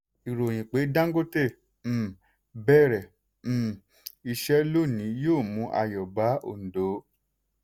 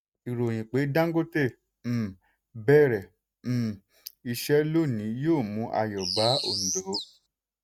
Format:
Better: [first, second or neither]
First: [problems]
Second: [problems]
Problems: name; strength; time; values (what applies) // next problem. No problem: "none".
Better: first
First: none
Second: noise reduction (neural mask model RNNoise)